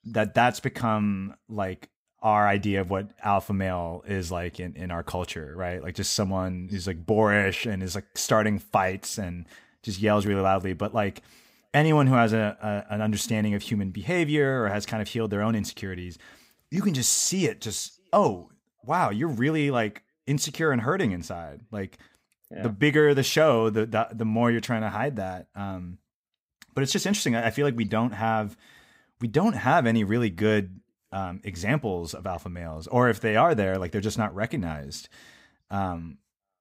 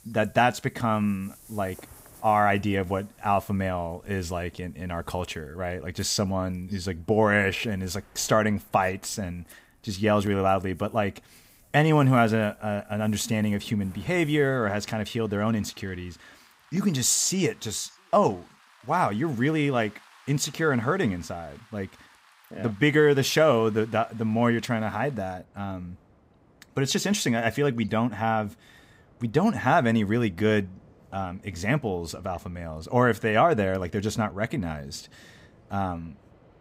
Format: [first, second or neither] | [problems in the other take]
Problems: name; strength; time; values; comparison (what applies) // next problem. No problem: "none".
first | rain or running water; faint; throughout; 30 dB below the speech